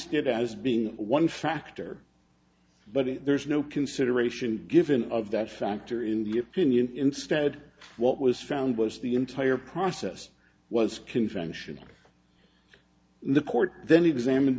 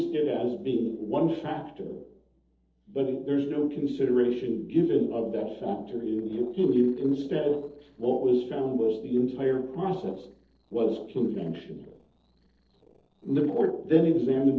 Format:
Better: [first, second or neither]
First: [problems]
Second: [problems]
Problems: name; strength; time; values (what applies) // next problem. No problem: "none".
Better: first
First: none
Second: noise reduction (neural separator model SepFormer DNS4)